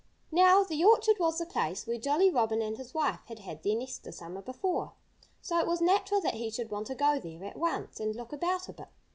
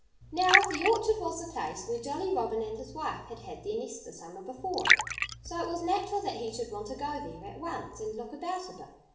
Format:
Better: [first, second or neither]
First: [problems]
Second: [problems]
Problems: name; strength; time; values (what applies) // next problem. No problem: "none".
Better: first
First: none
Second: background sound (Liquid); 1 dB below the speech // room echo; dies away in 0.6 s